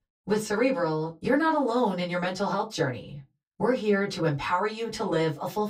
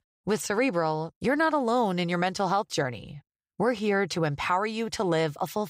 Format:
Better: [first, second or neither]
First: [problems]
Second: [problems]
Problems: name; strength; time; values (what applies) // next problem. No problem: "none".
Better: second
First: off-mic speech; far // room echo; very slight; dies away in 0.2 s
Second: none